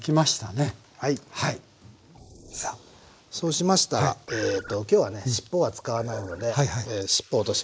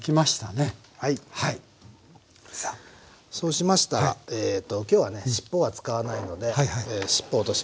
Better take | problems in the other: second | noise reduction (neural mask model Resemble Enhance denoiser)

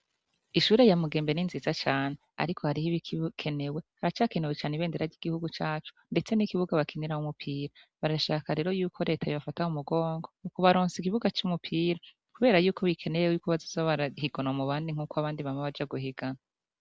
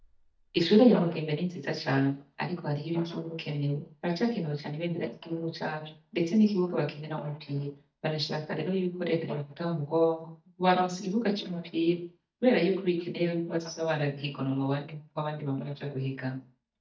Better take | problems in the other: first | noise reduction (neural mask model DeepFilterNet 3)

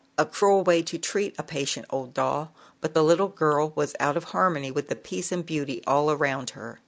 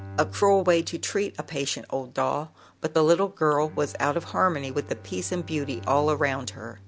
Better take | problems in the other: first | background sound (Bowed string instrument); 17 dB below the speech

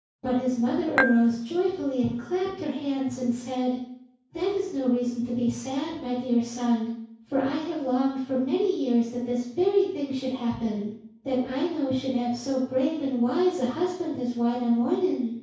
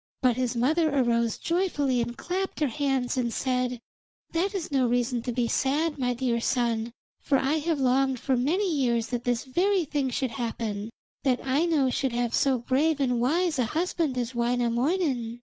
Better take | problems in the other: second | background sound (Dishes, pots, and pans / Chink, clink); 1 dB below the speech // room echo; dies away in 0.6 s

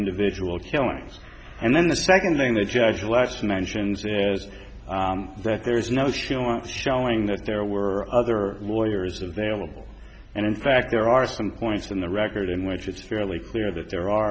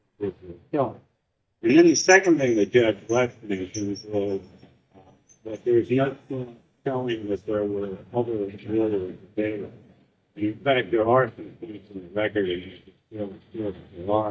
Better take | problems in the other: first | noise reduction (neural mask model DeepFilterNet 3)

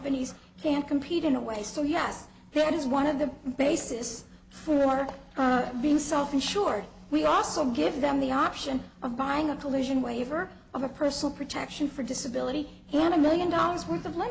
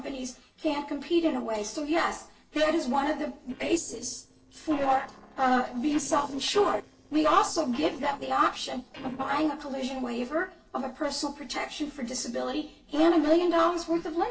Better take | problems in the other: first | noise reduction (neural separator model SepFormer DNS4)

